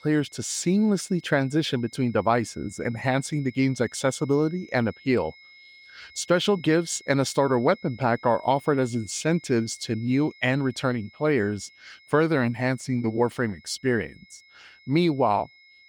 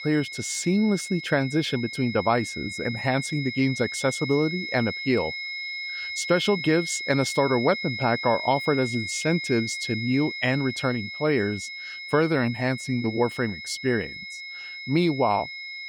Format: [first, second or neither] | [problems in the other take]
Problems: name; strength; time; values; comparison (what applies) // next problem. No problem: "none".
first | high-pitched whine; loud; throughout; 2 kHz, 7 dB below the speech; faint in the first